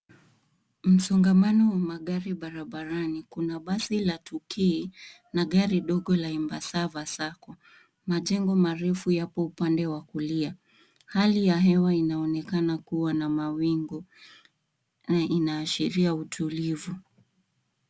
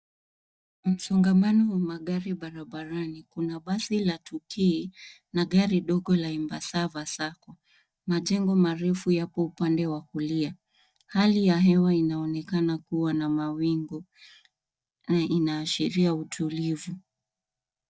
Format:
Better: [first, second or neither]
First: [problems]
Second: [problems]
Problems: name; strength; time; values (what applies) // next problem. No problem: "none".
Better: first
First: none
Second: noise reduction (neural mask model DeepFilterNet 3)